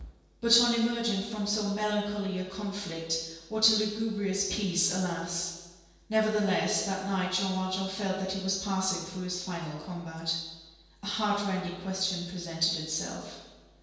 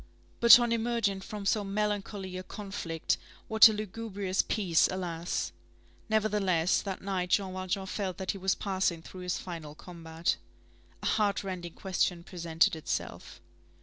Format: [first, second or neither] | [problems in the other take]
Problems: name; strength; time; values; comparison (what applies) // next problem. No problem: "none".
second | room echo; dies away in 1.2 s